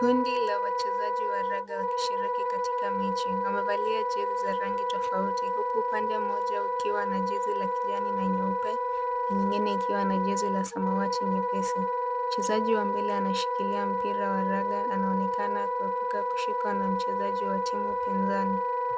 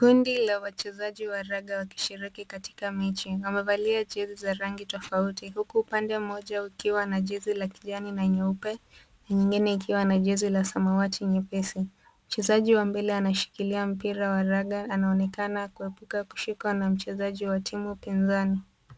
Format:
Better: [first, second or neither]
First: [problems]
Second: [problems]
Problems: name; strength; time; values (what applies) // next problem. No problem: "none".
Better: second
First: background sound (Wind instrument, woodwind instrument); 4 dB above the speech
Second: none